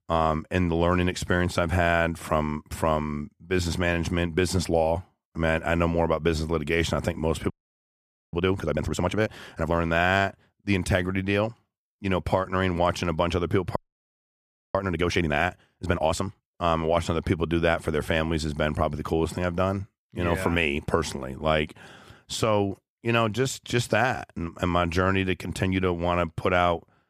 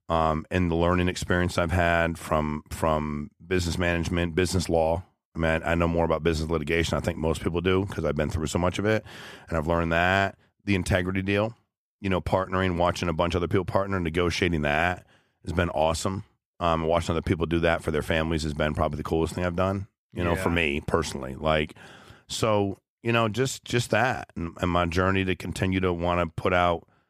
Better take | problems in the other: second | audio freezing; at 7.5 s for 1 s and at 14 s for 1 s

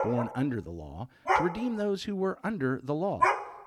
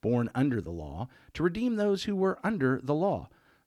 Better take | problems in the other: second | dog barking; loud; peak 5 dB above the speech

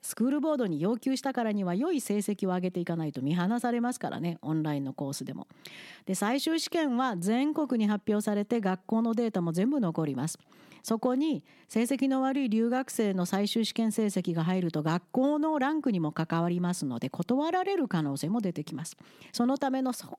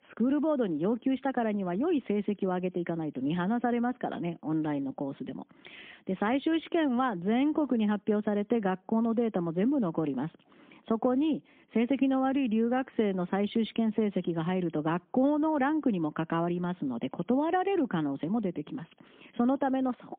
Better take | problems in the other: first | phone-call audio; poor line

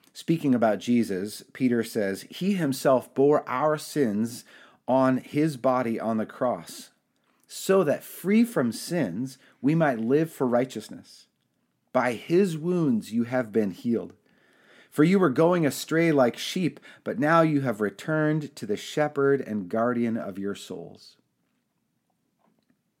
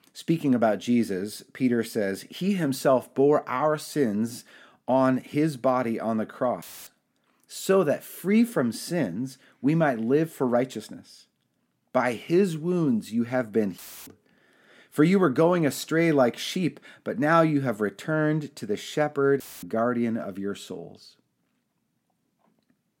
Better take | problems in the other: first | audio cutting out; filled with static; at 6.5 s, at 14 s and at 19 s

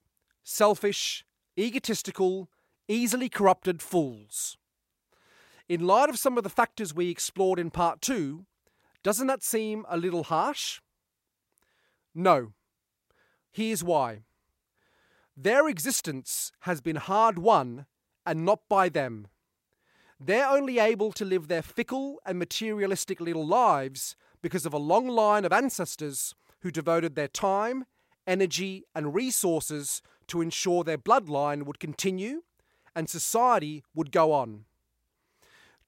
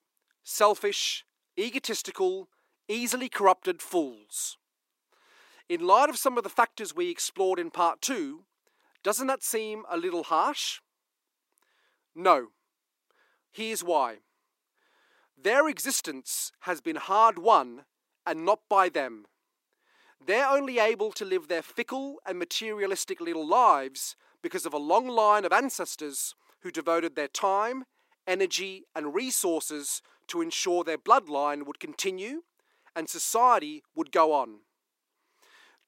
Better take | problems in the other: first | thin; very slightly; fading below 300 Hz

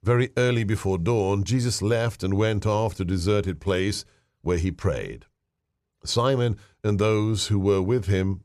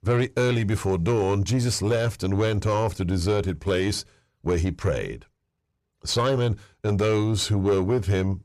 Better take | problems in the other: first | distortion; slight; 10 dB below the speech

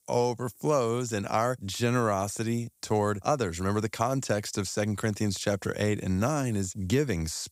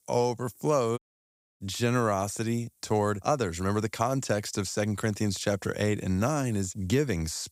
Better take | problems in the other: first | audio cutting out; at 1 s for 0.5 s

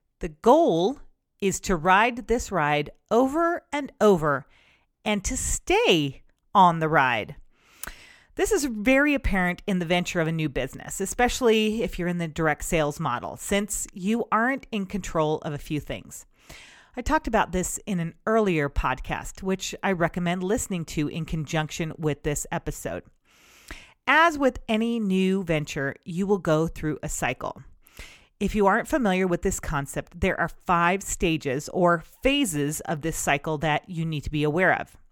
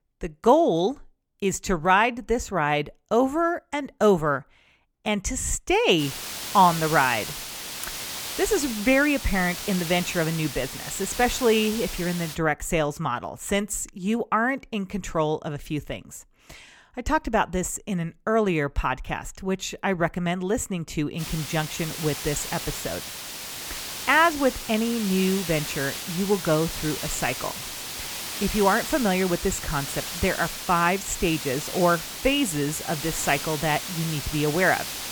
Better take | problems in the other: first | hiss; loud; from 6 to 12 s and from 21 s on; 7 dB below the speech

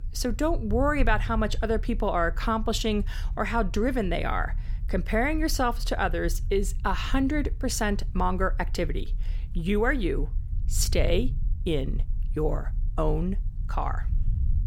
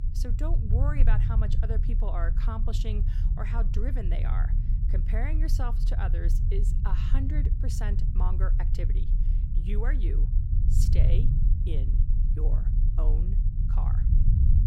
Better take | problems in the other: first | low rumble; loud; throughout; 4 dB below the speech; faint in the first

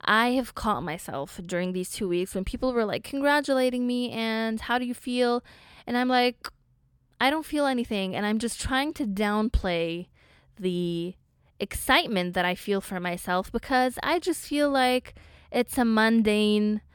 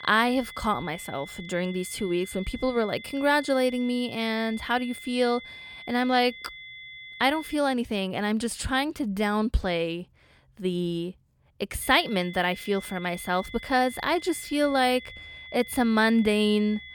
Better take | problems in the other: first | high-pitched whine; noticeable; until 7.5 s and from 12 s on; 2 kHz, 15 dB below the speech

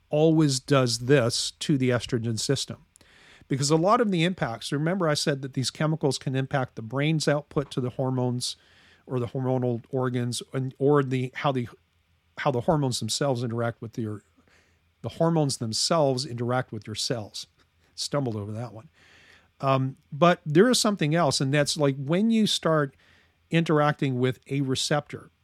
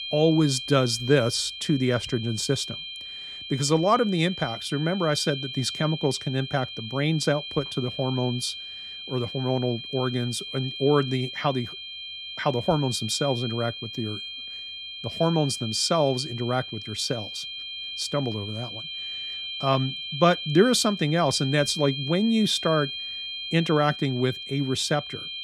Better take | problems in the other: first | high-pitched whine; loud; throughout; 3 kHz, 8 dB below the speech

